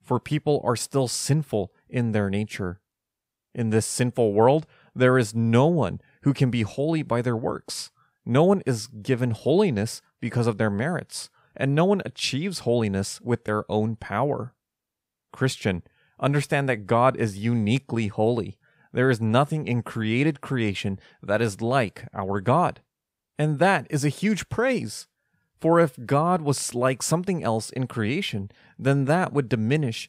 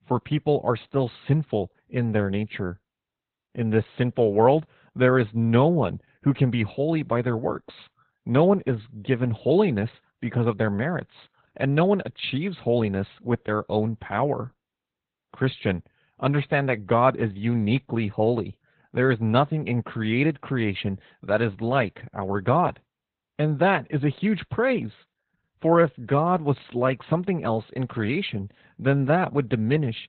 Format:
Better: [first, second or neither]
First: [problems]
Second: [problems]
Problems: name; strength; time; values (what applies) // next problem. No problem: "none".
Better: first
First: none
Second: garbled, watery; badly; nothing above 4 kHz